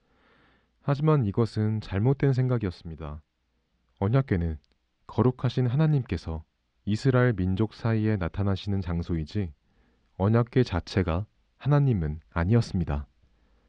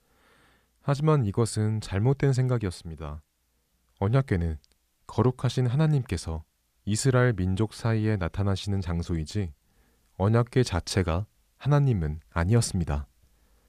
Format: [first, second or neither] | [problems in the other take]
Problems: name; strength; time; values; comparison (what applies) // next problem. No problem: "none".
second | muffled; very slightly; fading above 4 kHz